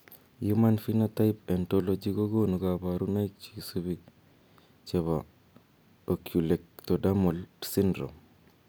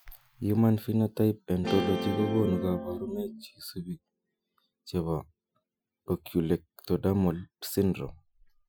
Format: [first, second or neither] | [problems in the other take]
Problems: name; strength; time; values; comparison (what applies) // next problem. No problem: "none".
first | noise reduction (classical method Wiener filter)